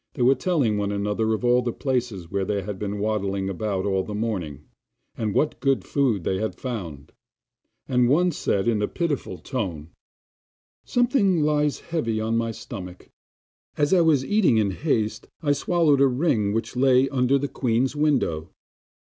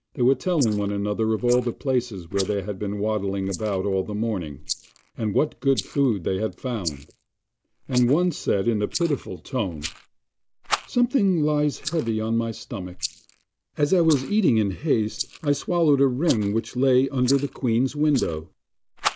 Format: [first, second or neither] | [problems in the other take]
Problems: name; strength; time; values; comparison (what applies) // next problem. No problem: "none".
first | noise reduction (neural mask model Resemble Enhance denoiser)